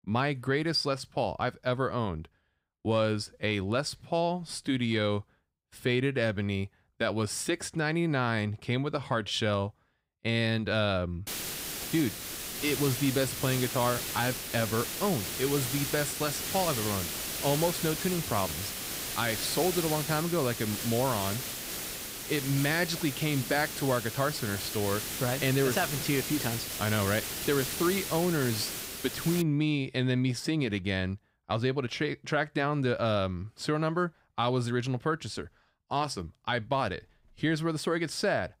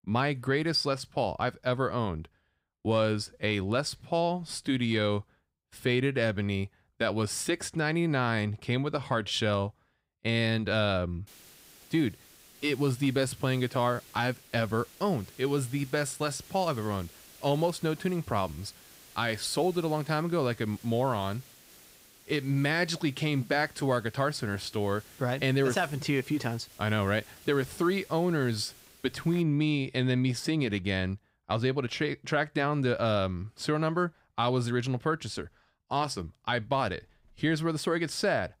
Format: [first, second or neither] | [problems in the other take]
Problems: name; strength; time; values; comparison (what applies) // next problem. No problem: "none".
second | hiss; loud; from 11 to 29 s; 4 dB below the speech; faint in the second